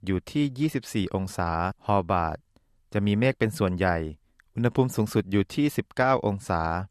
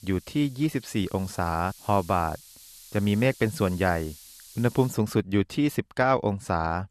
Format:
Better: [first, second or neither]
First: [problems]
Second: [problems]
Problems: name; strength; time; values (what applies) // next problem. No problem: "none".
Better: first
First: none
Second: hiss; faint; until 5 s; 20 dB below the speech